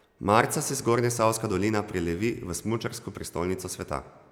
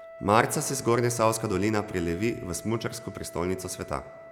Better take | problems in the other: first | background sound (Wind instrument, woodwind instrument); 18 dB below the speech

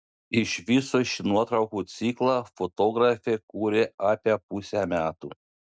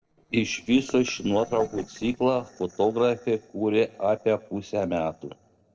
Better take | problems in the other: first | noise reduction (neural separator model SepFormer DNS4)

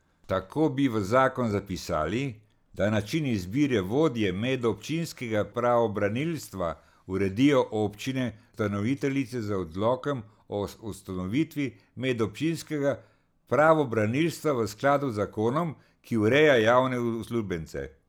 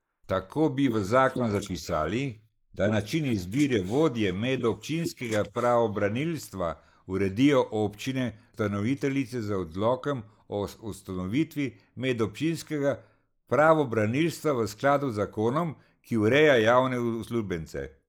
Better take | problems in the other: first | noise reduction (neural mask model Resemble Enhance denoiser)

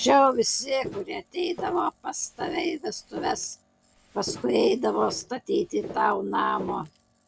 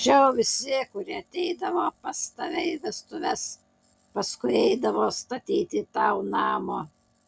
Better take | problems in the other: second | background sound (Walk, footsteps); 16 dB below the speech

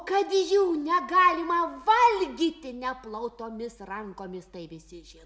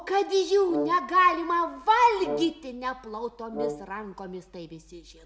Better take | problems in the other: first | background sound (Brass instrument); 11 dB below the speech

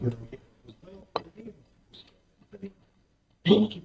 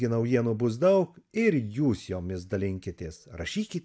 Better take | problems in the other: second | noise reduction (neural mask model DeepFilterNet 3)

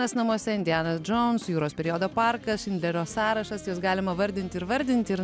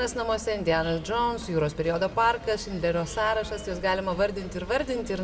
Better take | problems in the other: first | background sound (Insect); 16 dB below the speech // room echo; dies away in 0.9 s

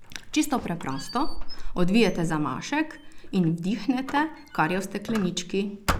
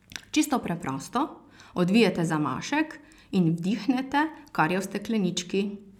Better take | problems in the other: second | background sound (Squeak); 4 dB below the speech

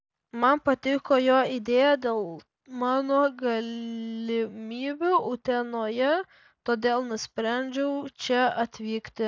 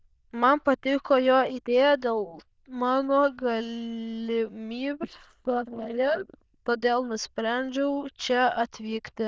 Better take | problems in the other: first | noise reduction (neural diffusion model UNIVERSE++)

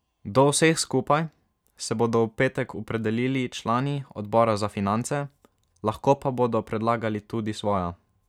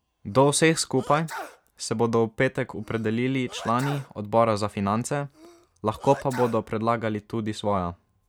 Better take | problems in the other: first | background sound (Sneeze); 18 dB below the speech

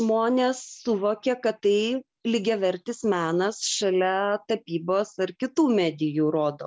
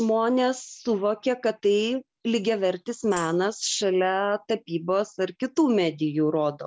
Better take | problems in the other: first | background sound (Tambourine); 19 dB below the speech

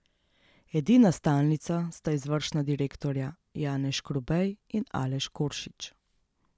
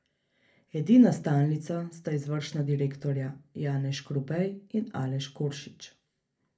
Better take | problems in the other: first | room echo; dies away in 0.3 s

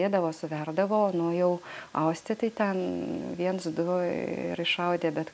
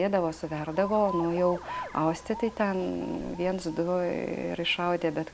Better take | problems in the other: first | background sound (Alarm); 14 dB below the speech

